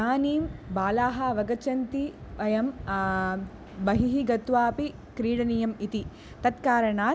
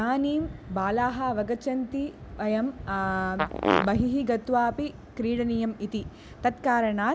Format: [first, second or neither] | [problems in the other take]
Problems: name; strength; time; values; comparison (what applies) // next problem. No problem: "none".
first | background sound (Fart); 1 dB below the speech